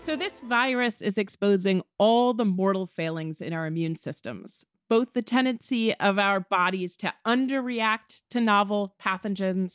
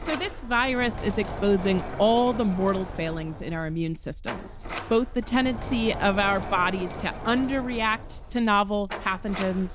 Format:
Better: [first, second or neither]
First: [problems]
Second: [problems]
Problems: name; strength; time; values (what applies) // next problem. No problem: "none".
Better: first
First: none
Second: background sound (Sliding door); 9 dB below the speech